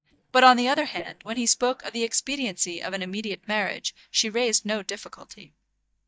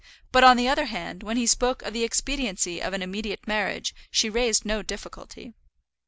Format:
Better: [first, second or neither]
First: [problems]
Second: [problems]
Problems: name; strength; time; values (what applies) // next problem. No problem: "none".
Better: second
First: noise reduction (neural mask model DeepFilterNet 3)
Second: none